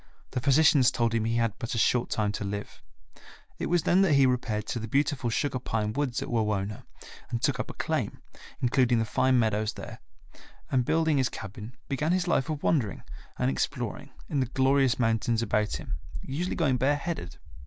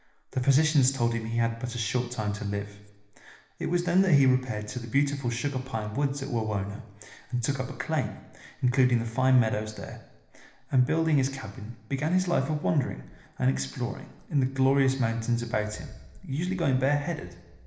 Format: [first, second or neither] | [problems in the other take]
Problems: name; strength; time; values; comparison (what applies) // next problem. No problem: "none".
first | room echo; dies away in 1 s